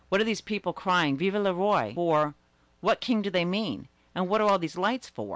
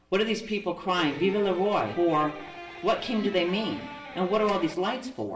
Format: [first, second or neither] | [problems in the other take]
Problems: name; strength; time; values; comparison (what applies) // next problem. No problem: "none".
first | background sound (Electric guitar); 14 dB below the speech // room echo; dies away in 0.7 s